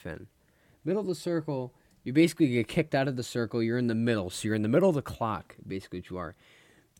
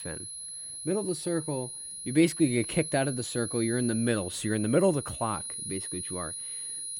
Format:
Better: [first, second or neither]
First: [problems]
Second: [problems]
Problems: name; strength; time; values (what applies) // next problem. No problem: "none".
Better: first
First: none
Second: high-pitched whine; loud; throughout; 10.5 kHz, 6 dB below the speech